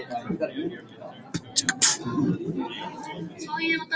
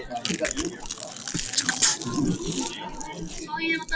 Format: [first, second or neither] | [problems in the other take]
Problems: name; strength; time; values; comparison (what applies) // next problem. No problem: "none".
first | background sound (Chewing, mastication); 6 dB below the speech